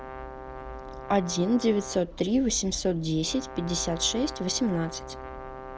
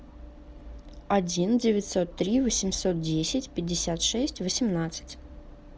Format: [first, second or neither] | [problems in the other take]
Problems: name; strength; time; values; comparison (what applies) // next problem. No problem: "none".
second | background sound (Brass instrument); 13 dB below the speech